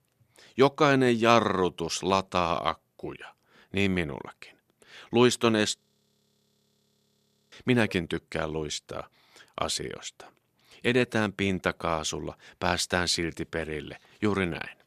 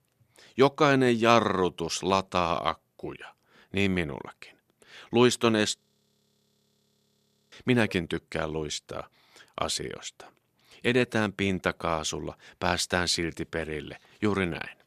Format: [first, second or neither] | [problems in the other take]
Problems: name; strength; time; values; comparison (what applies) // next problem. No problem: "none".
neither | audio freezing; at 6 s for 1.5 s; the same in both